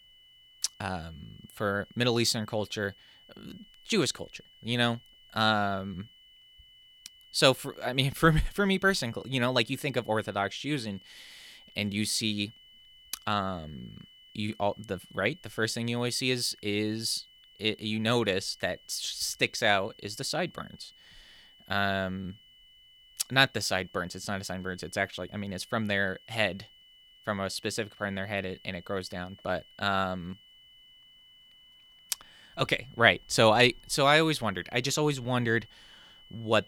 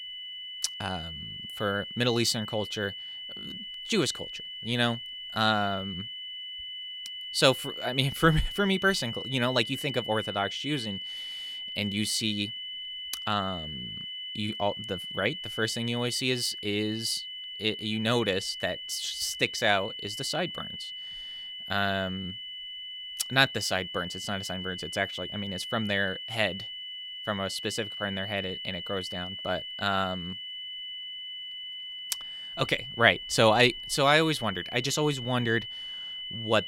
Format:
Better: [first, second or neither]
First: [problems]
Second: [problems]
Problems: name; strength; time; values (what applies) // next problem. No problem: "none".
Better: first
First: high-pitched whine; faint; throughout; 3 kHz, 25 dB below the speech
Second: high-pitched whine; loud; throughout; 3 kHz, 7 dB below the speech